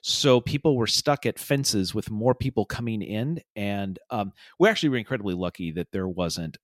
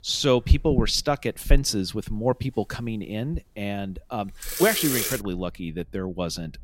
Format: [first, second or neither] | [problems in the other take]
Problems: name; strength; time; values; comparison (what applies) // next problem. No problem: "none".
first | household noises; loud; throughout; 1 dB below the speech